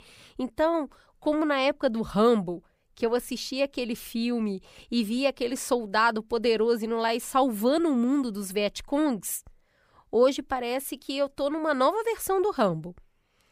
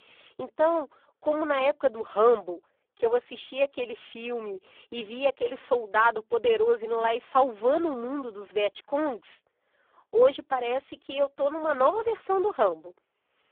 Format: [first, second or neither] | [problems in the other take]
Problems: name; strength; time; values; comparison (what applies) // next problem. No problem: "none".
first | phone-call audio; poor line